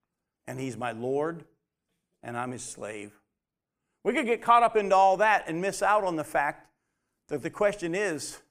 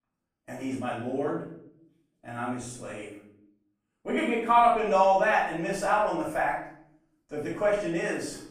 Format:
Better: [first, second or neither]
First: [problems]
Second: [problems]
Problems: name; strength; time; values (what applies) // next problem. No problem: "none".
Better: first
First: none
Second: off-mic speech; far // room echo; noticeable; dies away in 0.6 s